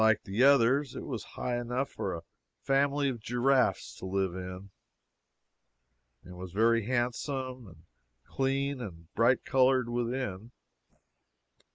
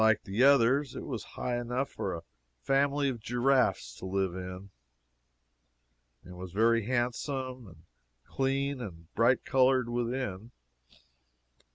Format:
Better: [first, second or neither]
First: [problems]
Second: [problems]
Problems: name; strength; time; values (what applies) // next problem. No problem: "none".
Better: second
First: noise reduction (neural mask model Resemble Enhance denoiser)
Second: none